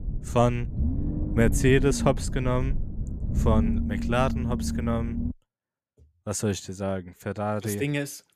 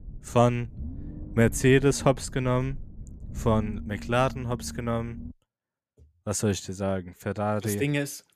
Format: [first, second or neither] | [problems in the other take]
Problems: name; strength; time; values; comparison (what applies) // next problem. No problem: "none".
second | low rumble; loud; until 5.5 s; 10 dB below the speech; faint in the second